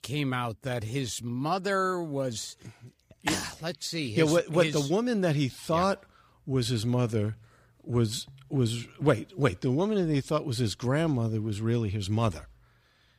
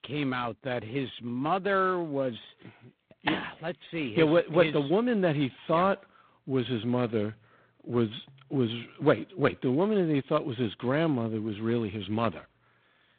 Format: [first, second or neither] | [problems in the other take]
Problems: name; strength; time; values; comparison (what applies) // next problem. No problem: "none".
first | phone-call audio; poor line; nothing above 3.5 kHz